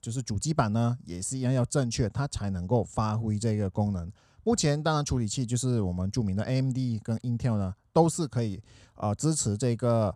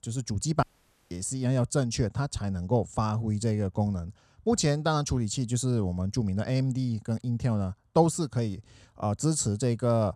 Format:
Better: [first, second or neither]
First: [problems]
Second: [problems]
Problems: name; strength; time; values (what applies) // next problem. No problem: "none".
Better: first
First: none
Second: audio cutting out; at 0.5 s